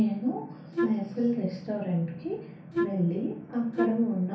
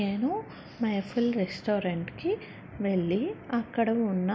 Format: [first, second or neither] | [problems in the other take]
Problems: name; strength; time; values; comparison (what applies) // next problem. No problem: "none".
second | background sound (Wind instrument, woodwind instrument); 3 dB below the speech // room echo; dies away in 0.6 s